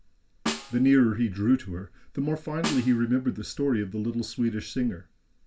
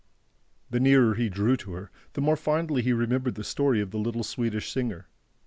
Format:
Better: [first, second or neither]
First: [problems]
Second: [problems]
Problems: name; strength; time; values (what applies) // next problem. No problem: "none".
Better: second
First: background sound (Snare drum); 11 dB below the speech // room echo; dies away in 0.2 s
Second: none